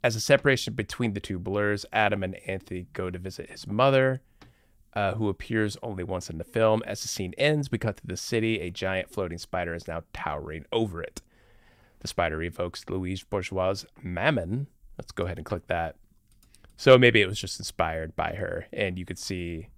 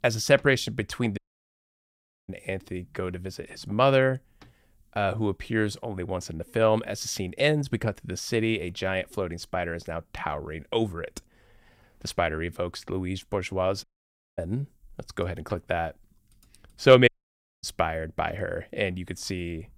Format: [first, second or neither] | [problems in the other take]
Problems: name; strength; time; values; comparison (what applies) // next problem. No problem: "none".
first | audio cutting out; at 1 s for 1 s, at 14 s for 0.5 s and at 17 s for 0.5 s